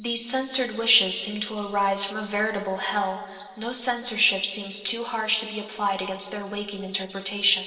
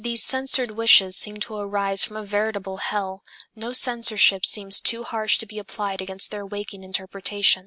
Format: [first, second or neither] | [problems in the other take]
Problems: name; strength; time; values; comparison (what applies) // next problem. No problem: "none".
second | room echo; dies away in 2.3 s